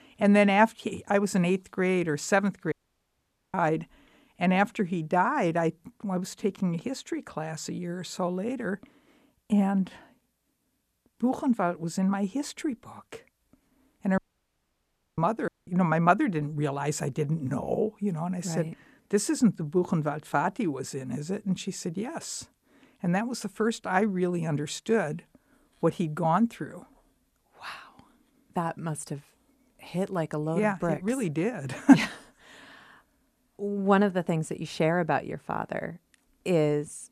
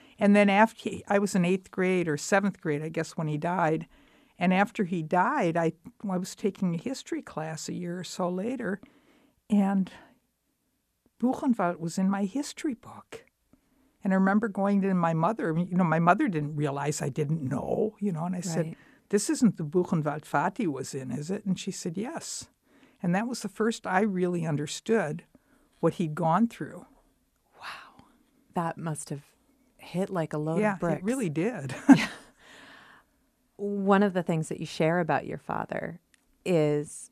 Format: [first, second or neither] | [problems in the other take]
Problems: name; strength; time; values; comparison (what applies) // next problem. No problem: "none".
second | audio cutting out; at 2.5 s for 1 s, at 14 s for 1 s and at 15 s